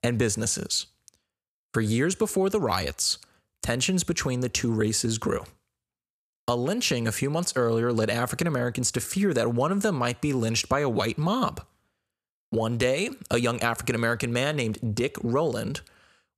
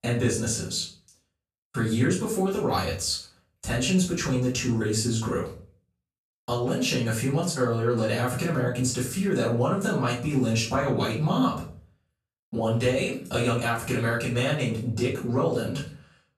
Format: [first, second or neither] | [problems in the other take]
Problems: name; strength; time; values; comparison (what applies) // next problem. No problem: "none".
first | off-mic speech; far // room echo; noticeable; dies away in 0.4 s